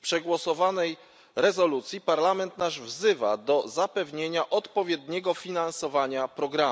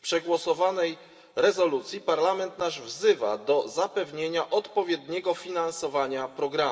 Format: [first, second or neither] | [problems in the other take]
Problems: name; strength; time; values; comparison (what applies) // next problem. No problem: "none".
first | room echo; dies away in 1.2 s